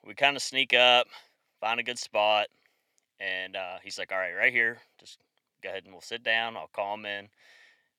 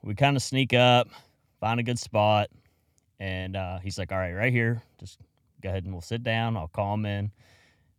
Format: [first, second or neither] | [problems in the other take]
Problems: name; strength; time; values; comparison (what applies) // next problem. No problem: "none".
second | thin; very; fading below 500 Hz